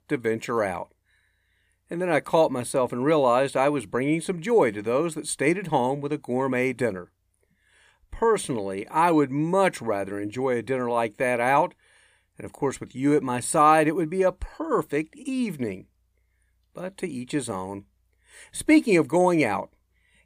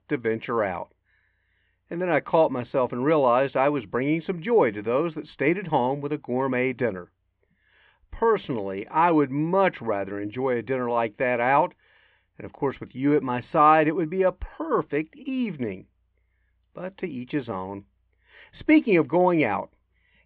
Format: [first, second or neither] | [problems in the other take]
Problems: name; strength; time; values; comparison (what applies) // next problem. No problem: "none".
first | muffled; very; fading above 3 kHz